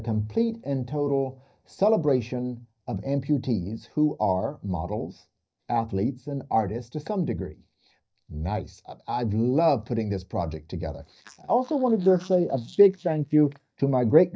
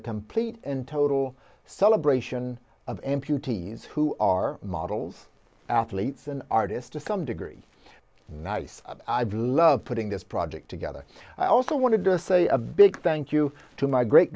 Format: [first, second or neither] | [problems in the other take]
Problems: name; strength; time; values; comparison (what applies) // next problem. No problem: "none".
second | noise reduction (neural mask model DeepFilterNet 3)